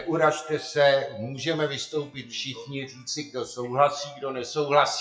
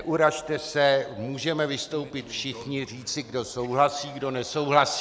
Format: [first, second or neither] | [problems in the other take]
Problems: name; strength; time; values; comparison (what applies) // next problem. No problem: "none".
second | noise reduction (classical method WPE with log-MMSE)